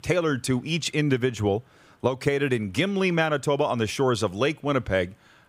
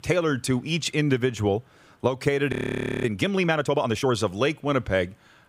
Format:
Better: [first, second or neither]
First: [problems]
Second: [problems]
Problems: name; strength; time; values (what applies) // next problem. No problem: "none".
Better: first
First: none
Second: audio freezing; at 2.5 s for 0.5 s